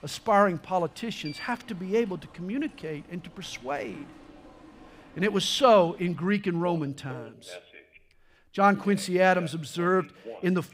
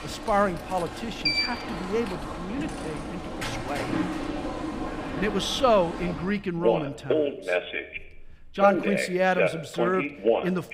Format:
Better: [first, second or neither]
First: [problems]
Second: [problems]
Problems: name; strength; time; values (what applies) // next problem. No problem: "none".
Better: first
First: alarms or sirens; faint; throughout; 20 dB below the speech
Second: alarms or sirens; loud; throughout; 2 dB below the speech